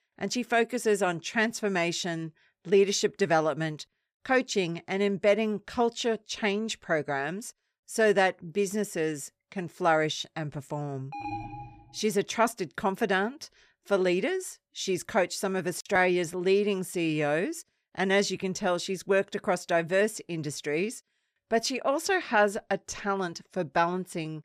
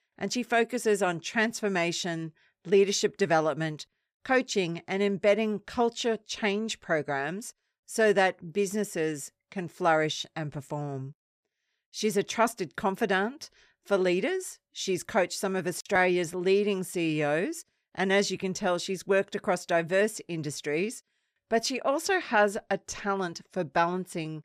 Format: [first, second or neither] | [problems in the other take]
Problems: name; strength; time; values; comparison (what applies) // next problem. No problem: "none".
second | alarm; noticeable; at 11 s; peak 8 dB below the speech